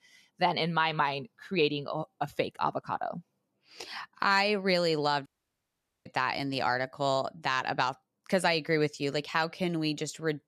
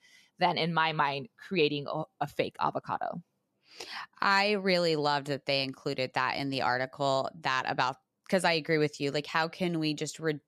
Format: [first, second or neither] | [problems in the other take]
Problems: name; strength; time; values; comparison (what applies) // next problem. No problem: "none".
second | audio cutting out; at 5.5 s for 1 s